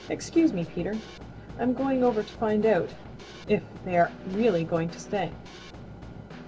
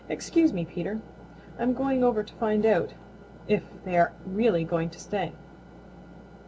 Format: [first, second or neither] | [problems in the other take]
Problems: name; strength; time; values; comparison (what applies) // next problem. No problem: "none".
second | background sound (Snare drum / Drum kit); 17 dB below the speech